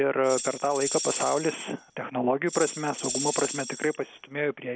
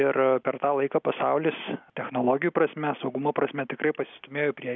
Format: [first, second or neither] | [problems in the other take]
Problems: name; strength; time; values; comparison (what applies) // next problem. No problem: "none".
second | background sound (Tambourine); 7 dB below the speech